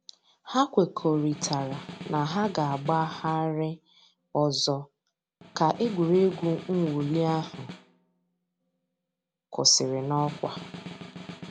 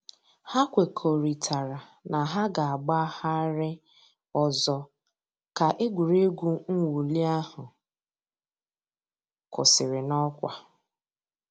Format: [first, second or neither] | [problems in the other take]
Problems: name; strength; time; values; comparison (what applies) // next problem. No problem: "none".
second | background sound (Snare drum); 16 dB below the speech